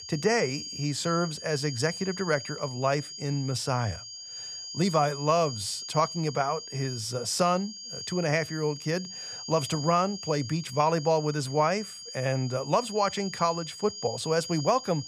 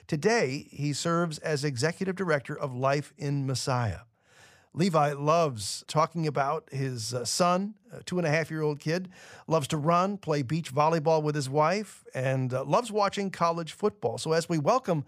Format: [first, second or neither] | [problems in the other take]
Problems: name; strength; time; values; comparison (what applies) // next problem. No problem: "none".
second | high-pitched whine; loud; throughout; 5 kHz, 9 dB below the speech